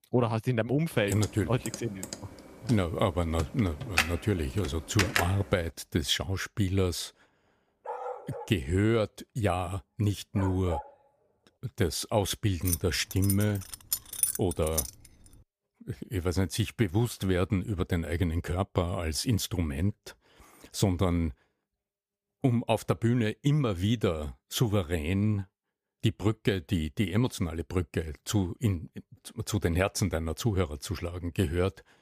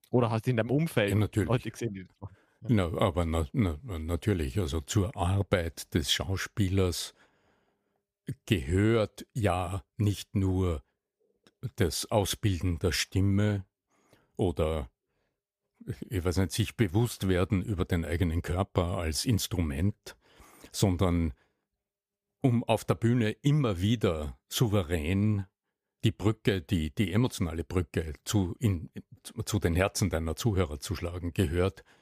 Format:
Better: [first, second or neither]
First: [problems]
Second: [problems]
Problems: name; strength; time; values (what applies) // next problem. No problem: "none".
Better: second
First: keyboard typing; loud; from 1 to 5 s; peak 2 dB above the speech // dog barking; noticeable; from 8 to 11 s; peak 8 dB below the speech // jangling keys; loud; from 13 to 15 s; peak 2 dB above the speech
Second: none